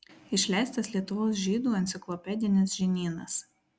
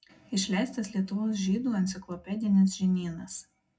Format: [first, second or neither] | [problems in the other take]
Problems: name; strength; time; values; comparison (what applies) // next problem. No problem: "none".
first | room echo; dies away in 0.4 s